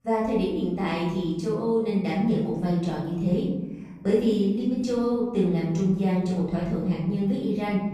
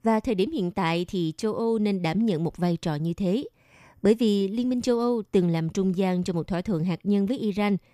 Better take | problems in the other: second | room echo; noticeable; dies away in 1.3 s // off-mic speech; far

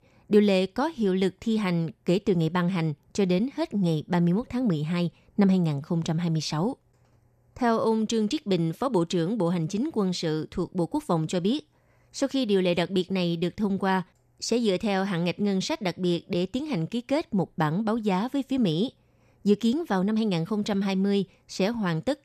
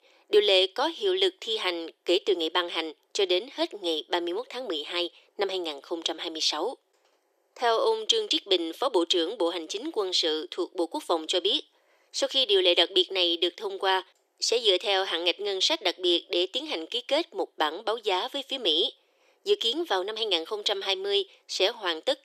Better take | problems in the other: first | thin; very; fading below 350 Hz

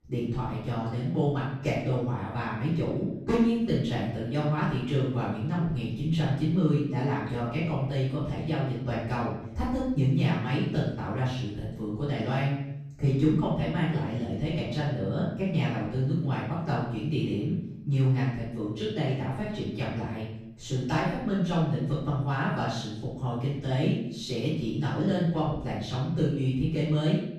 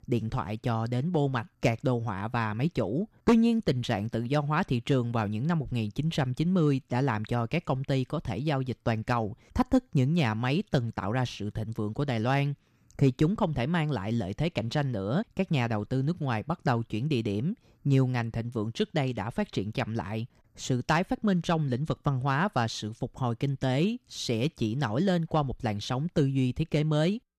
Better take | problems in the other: second | room echo; noticeable; dies away in 0.7 s // off-mic speech; far

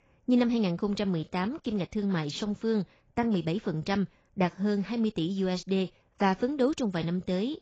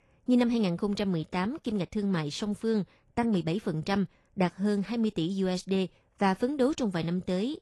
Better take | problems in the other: second | garbled, watery; badly; nothing above 7.5 kHz; slightly in the second

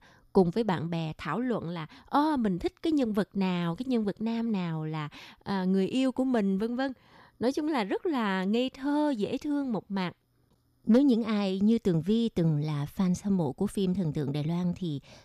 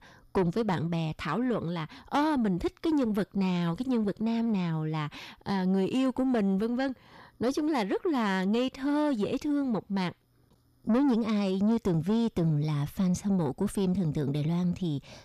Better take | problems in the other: first | distortion; slight; 10 dB below the speech

